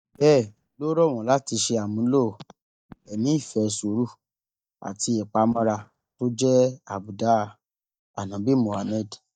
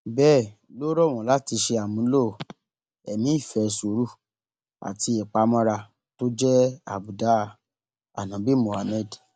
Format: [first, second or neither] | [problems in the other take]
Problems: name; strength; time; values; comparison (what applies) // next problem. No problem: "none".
second | noise reduction (neural mask model DeepFilterNet 3)